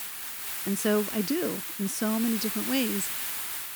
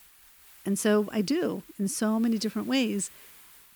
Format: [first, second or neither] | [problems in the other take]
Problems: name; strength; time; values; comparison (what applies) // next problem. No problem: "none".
second | hiss; loud; throughout; 2 dB below the speech; faint in the second